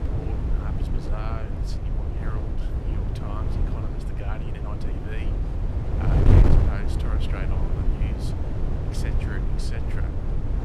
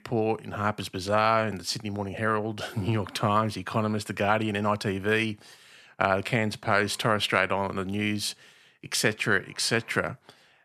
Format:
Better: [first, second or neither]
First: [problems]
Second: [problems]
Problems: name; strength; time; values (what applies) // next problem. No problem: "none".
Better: second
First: wind noise on the microphone; heavy; 4 dB above the speech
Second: none